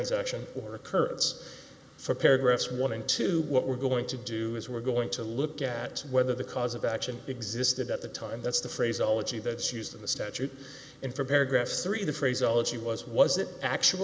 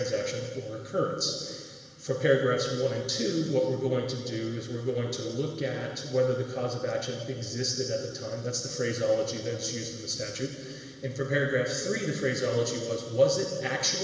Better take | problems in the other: first | room echo; dies away in 1.6 s

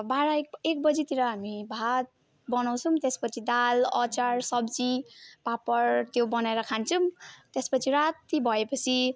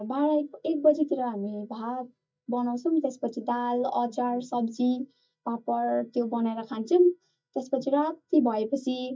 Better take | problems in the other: first | noise reduction (neural mask model DeepFilterNet 3)

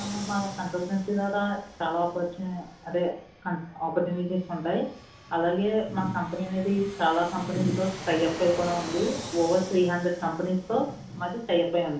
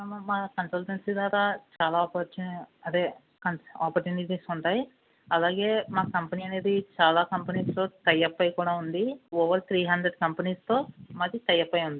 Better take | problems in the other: second | background sound (Fixed-wing aircraft, airplane); 15 dB below the speech // room echo; dies away in 1.2 s

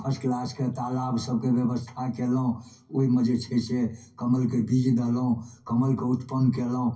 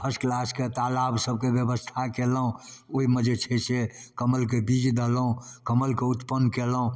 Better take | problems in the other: second | room echo; dies away in 0.3 s

